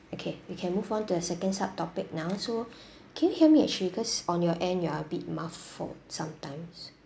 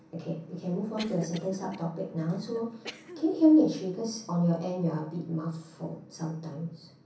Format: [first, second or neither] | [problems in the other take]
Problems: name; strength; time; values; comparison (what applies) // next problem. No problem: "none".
first | background sound (Cough); 18 dB below the speech // room echo; dies away in 0.6 s